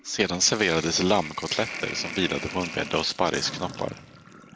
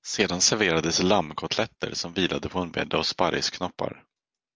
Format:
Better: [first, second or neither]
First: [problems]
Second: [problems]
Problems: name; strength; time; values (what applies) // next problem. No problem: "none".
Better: second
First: background sound (Sink (filling or washing)); 11 dB below the speech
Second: none